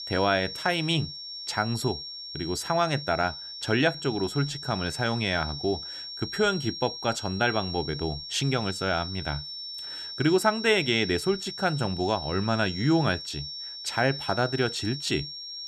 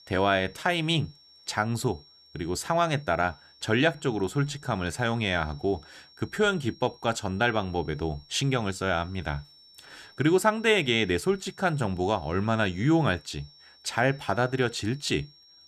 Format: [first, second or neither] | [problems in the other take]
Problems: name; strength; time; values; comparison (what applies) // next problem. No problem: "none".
second | high-pitched whine; loud; throughout; 5.5 kHz, 8 dB below the speech; faint in the second